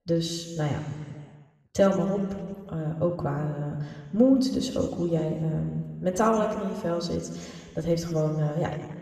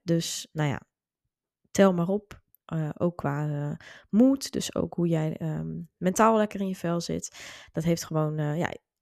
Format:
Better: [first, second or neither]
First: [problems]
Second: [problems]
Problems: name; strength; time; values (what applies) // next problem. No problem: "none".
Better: second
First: room echo; noticeable; dies away in 1.7 s // off-mic speech; somewhat distant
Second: none